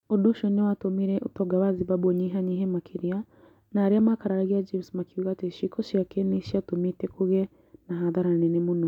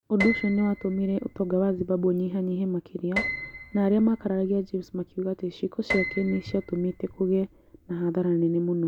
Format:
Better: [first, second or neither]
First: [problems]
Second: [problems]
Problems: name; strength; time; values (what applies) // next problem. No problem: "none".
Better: first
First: none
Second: background sound (Piano); 11 dB below the speech